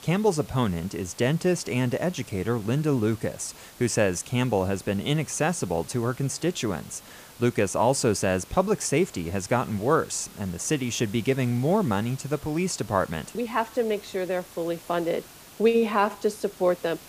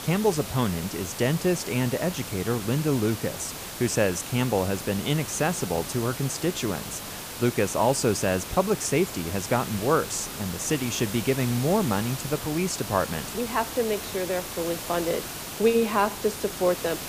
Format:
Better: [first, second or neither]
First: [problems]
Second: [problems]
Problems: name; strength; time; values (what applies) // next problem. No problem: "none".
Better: first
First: hiss; faint; throughout; 20 dB below the speech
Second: hiss; loud; throughout; 8 dB below the speech